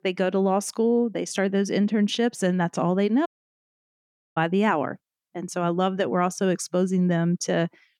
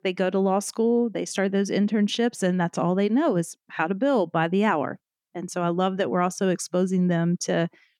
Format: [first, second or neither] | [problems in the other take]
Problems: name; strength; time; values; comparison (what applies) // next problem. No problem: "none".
second | audio cutting out; at 3.5 s for 1 s